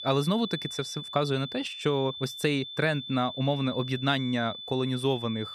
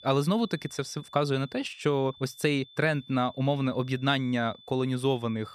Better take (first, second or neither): second